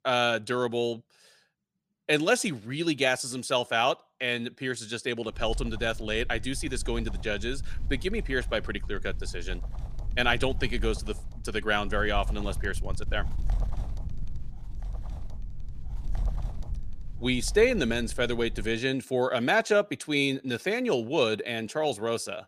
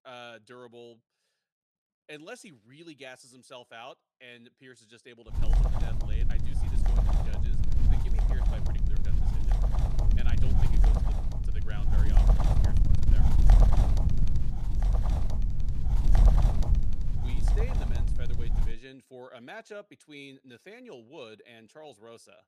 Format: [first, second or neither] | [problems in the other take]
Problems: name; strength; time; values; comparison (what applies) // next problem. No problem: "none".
first | wind noise on the microphone; heavy; from 5.5 to 19 s; 5 dB above the speech; occasional gusts in the first